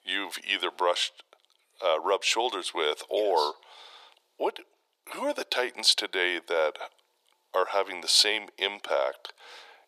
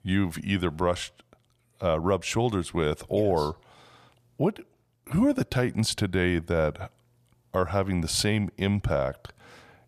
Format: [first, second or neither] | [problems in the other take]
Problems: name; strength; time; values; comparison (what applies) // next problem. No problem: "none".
second | thin; very; fading below 400 Hz